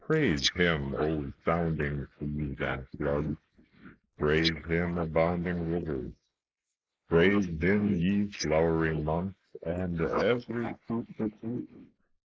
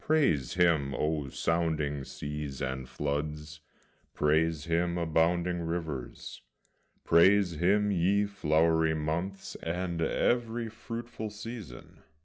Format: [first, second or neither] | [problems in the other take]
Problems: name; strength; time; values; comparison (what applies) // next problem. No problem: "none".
second | noise reduction (neural mask model Resemble Enhance denoiser)